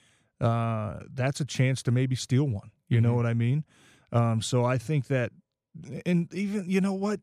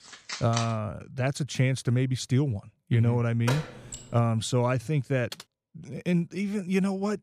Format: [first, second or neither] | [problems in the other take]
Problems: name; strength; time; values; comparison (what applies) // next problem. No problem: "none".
first | phone ringing; noticeable; at the start; peak 6 dB below the speech // door banging; noticeable; at 3.5 s; peak 6 dB below the speech // keyboard typing; faint; at 5.5 s; peak 15 dB below the speech